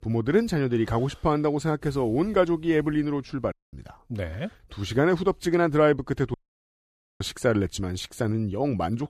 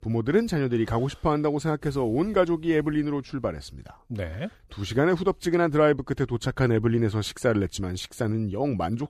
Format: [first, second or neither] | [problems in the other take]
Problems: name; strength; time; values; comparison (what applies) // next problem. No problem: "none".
second | audio cutting out; at 3.5 s and at 6.5 s for 1 s